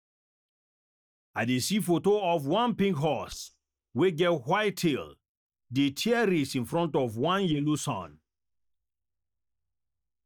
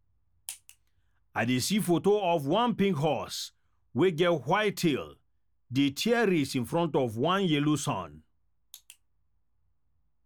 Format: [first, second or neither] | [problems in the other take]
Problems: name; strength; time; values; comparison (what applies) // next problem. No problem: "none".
second | noise reduction (neural mask model DeepFilterNet 3)